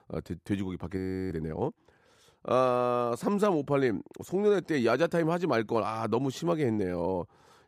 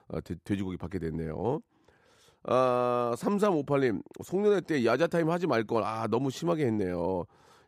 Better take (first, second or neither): second